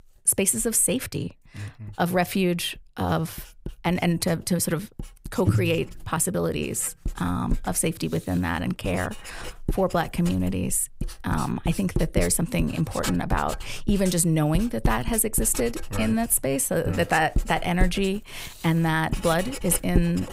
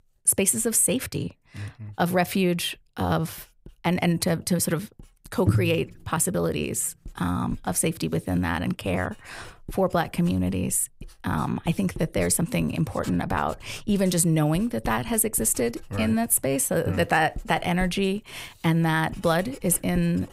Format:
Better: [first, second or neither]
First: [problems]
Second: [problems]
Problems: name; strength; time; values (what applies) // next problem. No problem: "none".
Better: second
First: household noises; loud; throughout; 10 dB below the speech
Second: household noises; faint; throughout; 20 dB below the speech